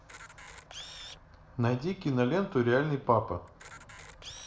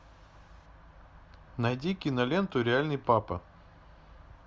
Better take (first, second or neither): second